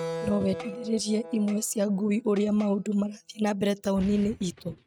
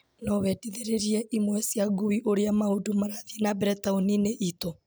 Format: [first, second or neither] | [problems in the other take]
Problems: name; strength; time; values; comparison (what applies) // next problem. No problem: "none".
second | noise reduction (neural mask model RNNoise)